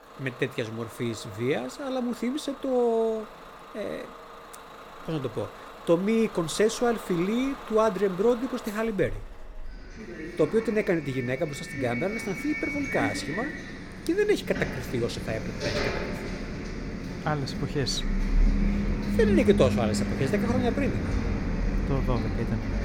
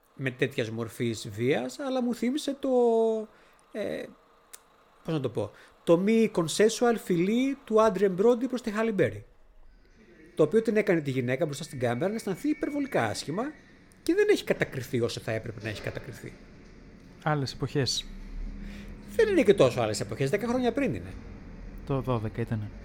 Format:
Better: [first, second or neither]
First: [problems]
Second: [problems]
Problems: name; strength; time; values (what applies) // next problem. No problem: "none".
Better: second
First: traffic noise; loud; throughout; 4 dB below the speech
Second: traffic noise; faint; throughout; 20 dB below the speech